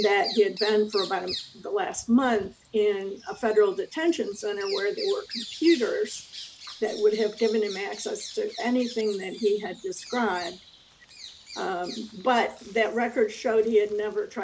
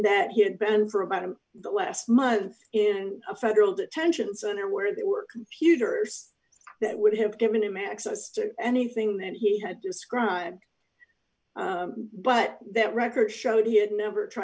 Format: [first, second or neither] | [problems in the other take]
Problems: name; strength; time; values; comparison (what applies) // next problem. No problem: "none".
second | background sound (Bird vocalization, bird call, bird song); 15 dB below the speech